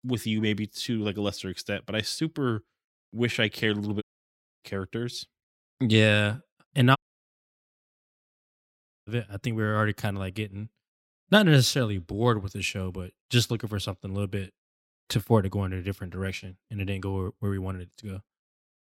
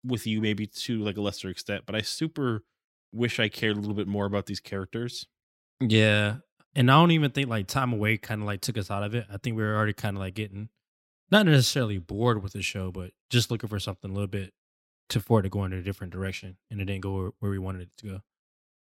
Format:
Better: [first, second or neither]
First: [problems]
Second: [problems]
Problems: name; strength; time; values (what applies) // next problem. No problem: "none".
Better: second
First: audio cutting out; at 4 s for 0.5 s and at 7 s for 2 s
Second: none